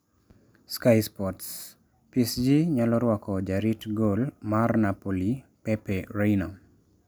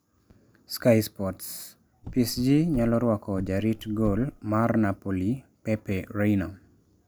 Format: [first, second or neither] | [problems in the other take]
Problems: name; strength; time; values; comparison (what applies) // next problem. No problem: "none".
first | background sound (Car); 13 dB below the speech